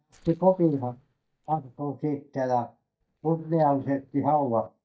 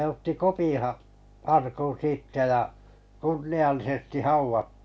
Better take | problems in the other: second | noise reduction (neural mask model DeepFilterNet 3)

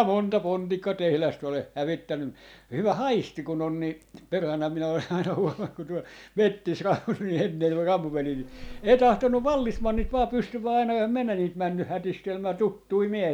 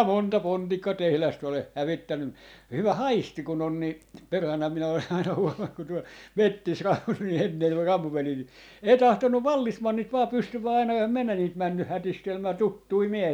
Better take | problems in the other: second | background sound (Insect); 9 dB below the speech

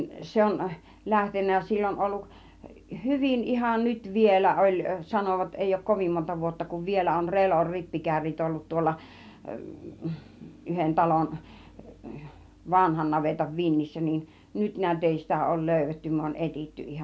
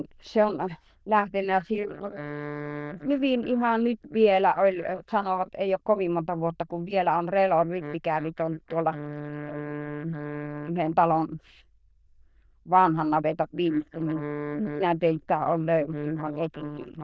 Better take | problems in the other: first | noise reduction (neural diffusion model UNIVERSE++)

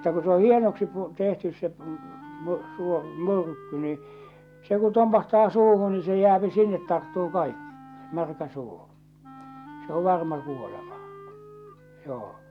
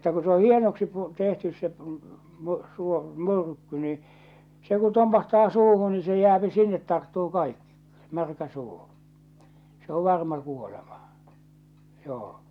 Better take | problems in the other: second | background sound (Wind instrument, woodwind instrument); 19 dB below the speech

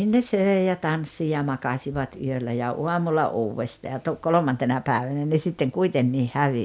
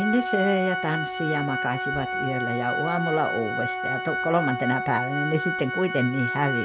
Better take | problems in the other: first | background sound (Organ); 2 dB below the speech

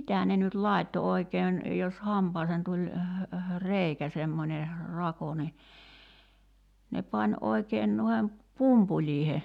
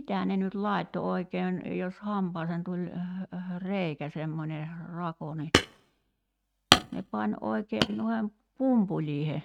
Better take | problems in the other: first | noise reduction (neural mask model RNNoise)

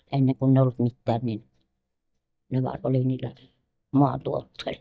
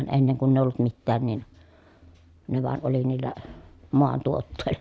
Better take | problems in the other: second | noise reduction (neural mask model DeepFilterNet 3)

